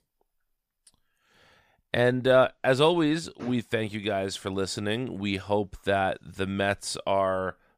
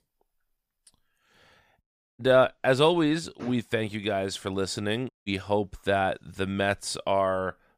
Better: first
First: none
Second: audio cutting out; at 2 s and at 5 s

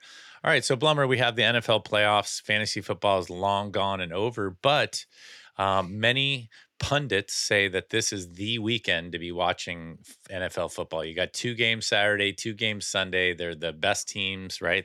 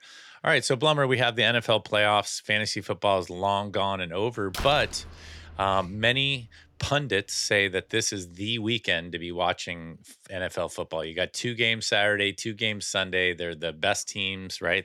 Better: first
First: none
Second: door banging; noticeable; from 4.5 to 6 s; peak 9 dB below the speech

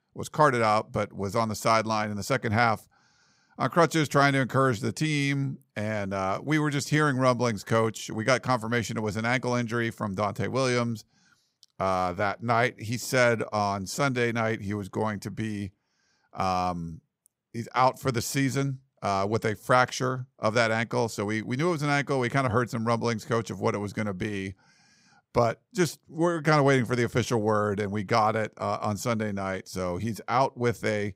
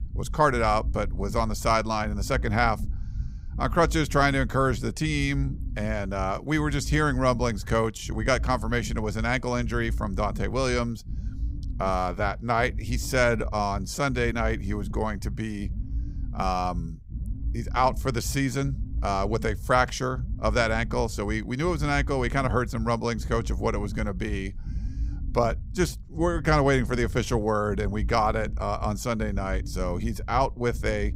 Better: first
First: none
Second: low rumble; faint; throughout; 25 dB below the speech

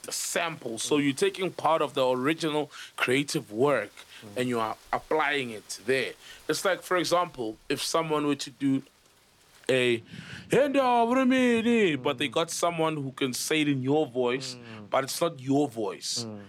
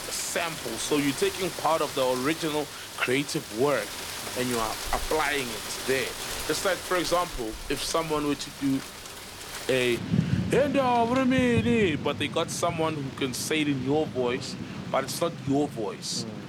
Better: first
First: rain or running water; faint; throughout; 25 dB below the speech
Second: rain or running water; loud; throughout; 7 dB below the speech

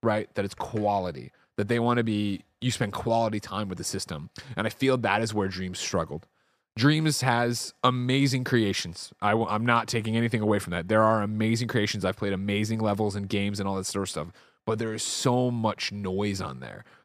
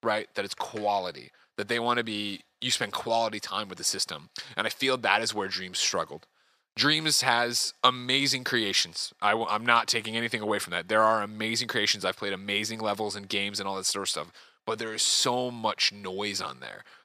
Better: first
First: none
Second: thin; somewhat; fading below 900 Hz

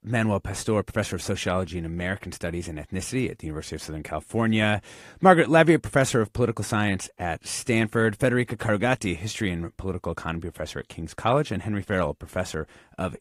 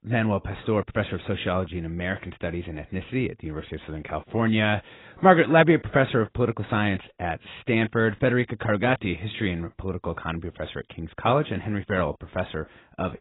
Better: first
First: garbled, watery; slightly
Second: garbled, watery; badly; nothing above 4 kHz

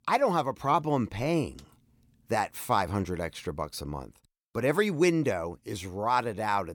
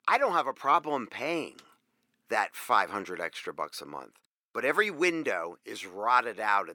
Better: first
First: none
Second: thin; somewhat; fading below 350 Hz

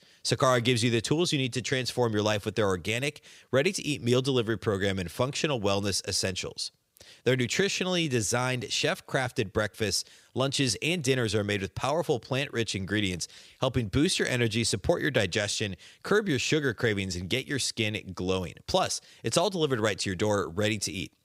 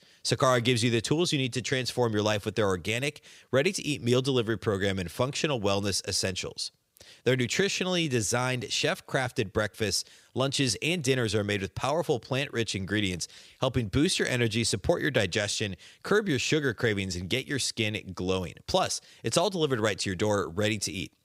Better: neither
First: none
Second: none

